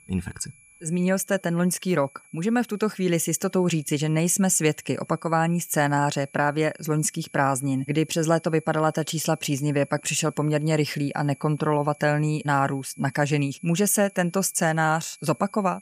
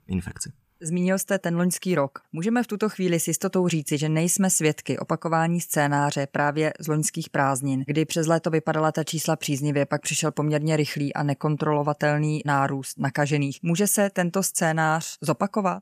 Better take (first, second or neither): second